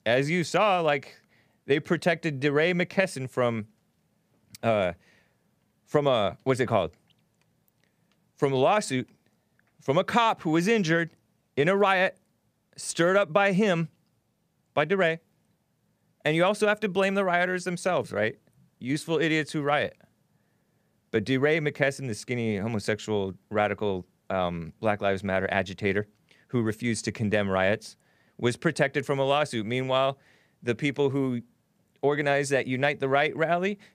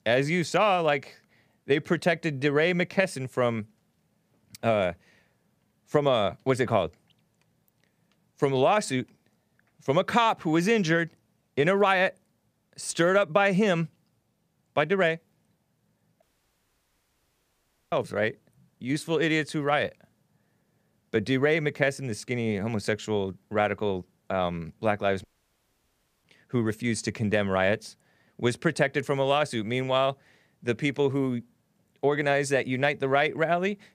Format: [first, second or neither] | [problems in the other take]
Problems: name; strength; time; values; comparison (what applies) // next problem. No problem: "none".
first | audio cutting out; at 16 s for 1.5 s and at 25 s for 1 s